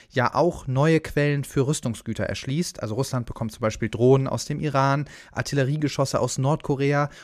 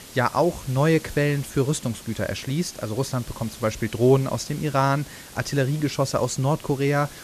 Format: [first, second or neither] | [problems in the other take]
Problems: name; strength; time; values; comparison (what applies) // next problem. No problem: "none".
first | hiss; noticeable; throughout; 15 dB below the speech